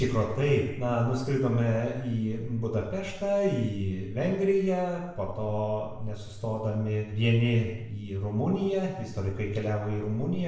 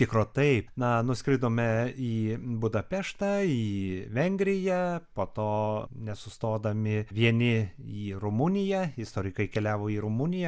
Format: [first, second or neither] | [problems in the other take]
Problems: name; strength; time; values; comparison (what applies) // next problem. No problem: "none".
second | room echo; dies away in 0.8 s